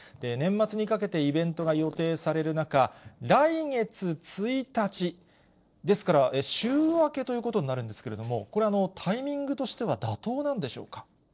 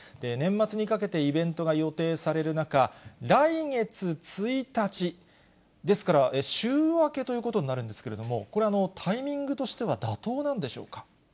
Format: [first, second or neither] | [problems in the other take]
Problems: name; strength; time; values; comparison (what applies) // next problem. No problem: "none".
second | noise reduction (neural separator model SepFormer DNS4)